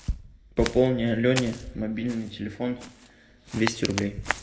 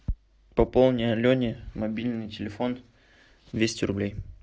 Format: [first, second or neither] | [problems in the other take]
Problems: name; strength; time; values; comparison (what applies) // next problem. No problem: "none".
second | background sound (Walk, footsteps); 11 dB below the speech // room echo; dies away in 1.2 s